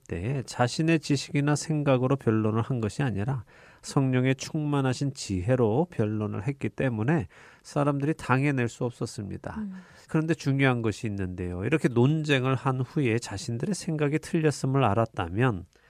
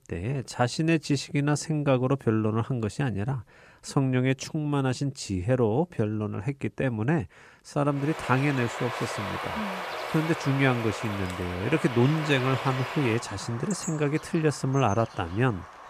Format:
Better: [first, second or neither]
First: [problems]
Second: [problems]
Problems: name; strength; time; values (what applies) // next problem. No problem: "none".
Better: first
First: none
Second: animal sounds; loud; from 8 s on; 8 dB below the speech